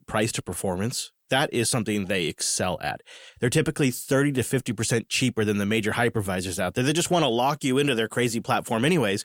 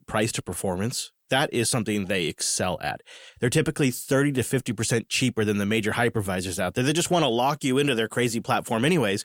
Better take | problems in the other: neither | none

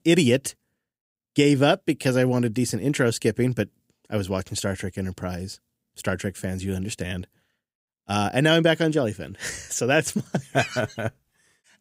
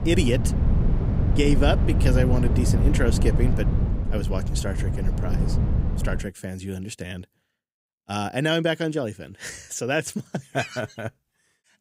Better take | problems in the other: first | wind noise on the microphone; heavy; until 6 s; 6 dB below the speech

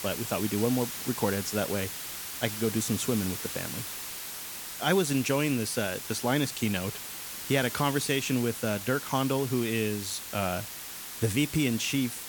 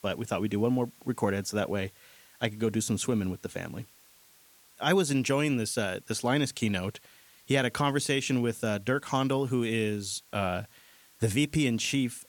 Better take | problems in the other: second | hiss; loud; throughout; 7 dB below the speech; faint in the second

